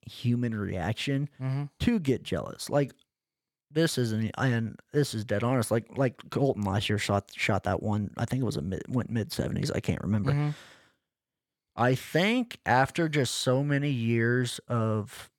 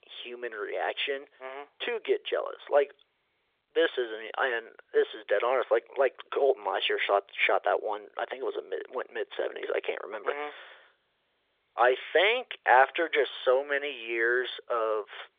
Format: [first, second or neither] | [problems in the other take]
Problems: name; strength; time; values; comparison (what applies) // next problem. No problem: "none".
first | phone-call audio; nothing above 3 kHz